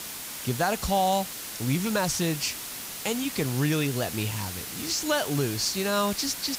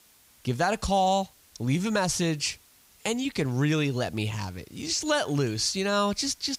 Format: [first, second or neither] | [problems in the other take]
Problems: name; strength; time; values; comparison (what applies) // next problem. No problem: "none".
second | hiss; loud; throughout; 7 dB below the speech; faint in the second